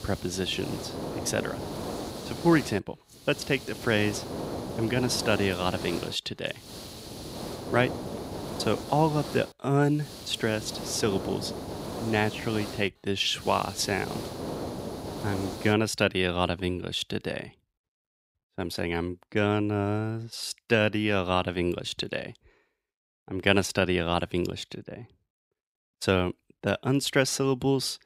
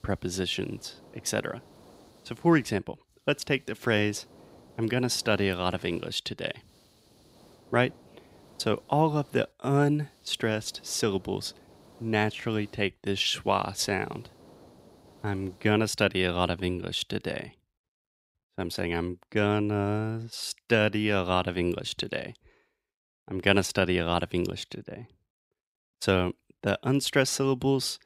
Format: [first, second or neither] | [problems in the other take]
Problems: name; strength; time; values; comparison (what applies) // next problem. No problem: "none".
second | hiss; loud; until 16 s; 9 dB below the speech; faint in the second